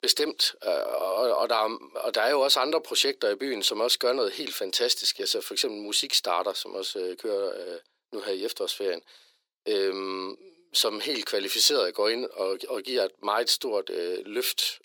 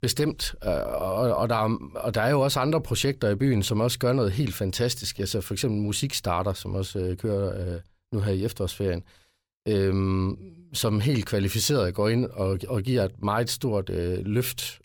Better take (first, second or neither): second